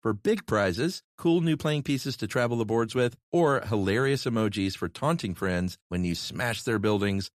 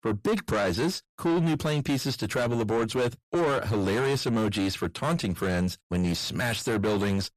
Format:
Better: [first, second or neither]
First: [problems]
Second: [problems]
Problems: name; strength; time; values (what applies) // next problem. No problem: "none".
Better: first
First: none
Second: distortion; heavy; 7 dB below the speech